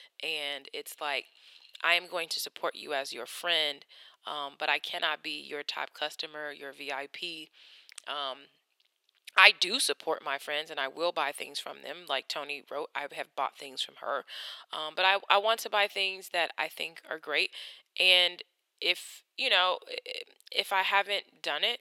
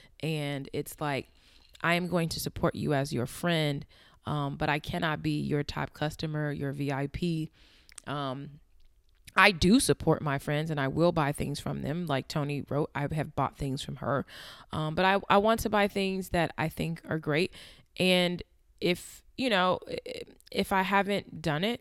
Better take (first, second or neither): second